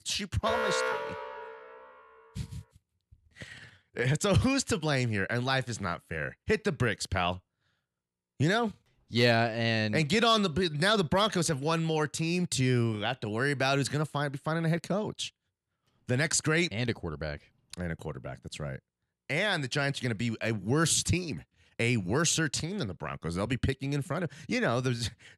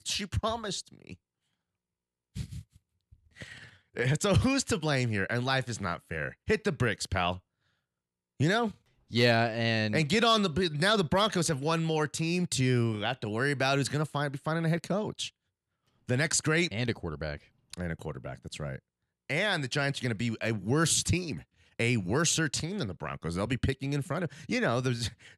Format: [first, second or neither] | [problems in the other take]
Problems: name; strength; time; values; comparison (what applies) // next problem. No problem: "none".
second | alarm; loud; until 1.5 s; peak level with the speech